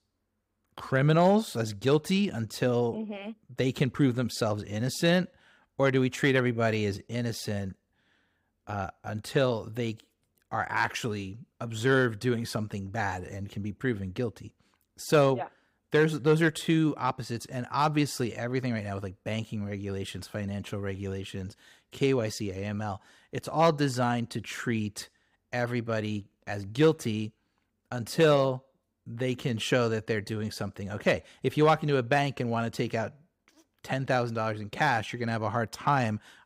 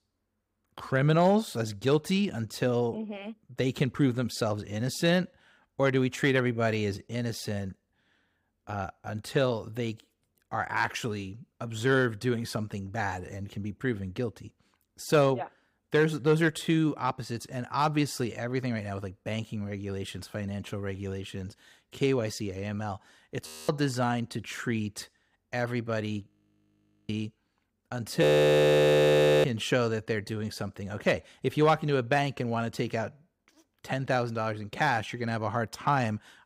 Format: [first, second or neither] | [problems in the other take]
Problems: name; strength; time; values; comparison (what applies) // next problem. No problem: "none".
first | audio freezing; at 23 s, at 26 s for 1 s and at 28 s for 1 s